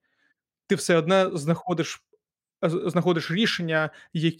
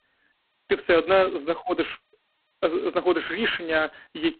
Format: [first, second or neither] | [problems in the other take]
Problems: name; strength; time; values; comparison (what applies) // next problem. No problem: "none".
first | phone-call audio; poor line; nothing above 4 kHz